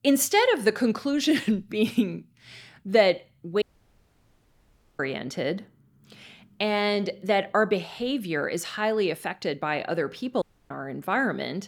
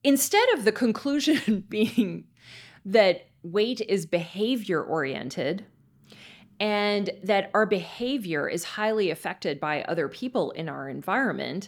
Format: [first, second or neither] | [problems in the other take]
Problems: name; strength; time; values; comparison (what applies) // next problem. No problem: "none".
second | audio cutting out; at 3.5 s for 1.5 s and at 10 s